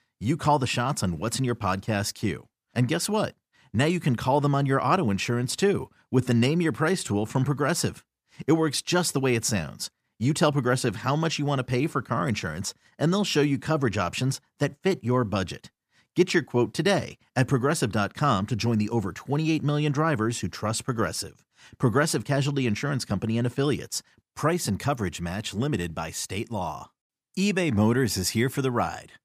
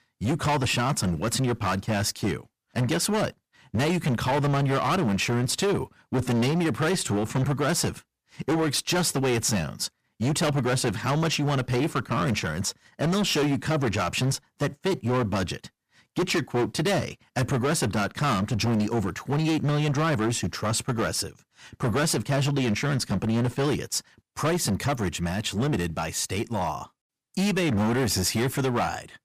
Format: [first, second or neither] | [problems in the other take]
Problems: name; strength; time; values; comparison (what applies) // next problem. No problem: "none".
first | distortion; heavy; 19% of the sound clipped